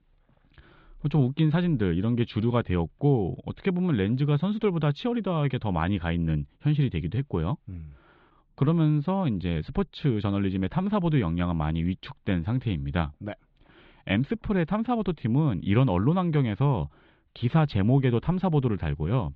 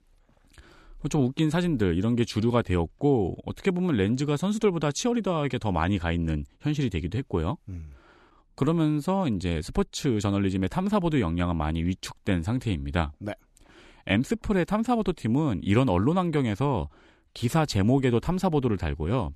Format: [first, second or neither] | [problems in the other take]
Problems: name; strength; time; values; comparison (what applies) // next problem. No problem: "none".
second | muffled; slightly; fading above 3.5 kHz